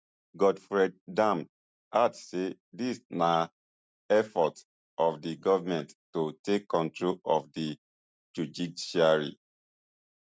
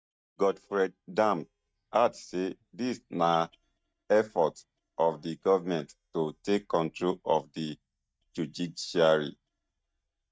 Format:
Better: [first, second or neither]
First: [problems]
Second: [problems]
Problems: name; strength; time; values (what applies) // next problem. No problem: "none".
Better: first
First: none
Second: noise reduction (neural mask model DeepFilterNet 3)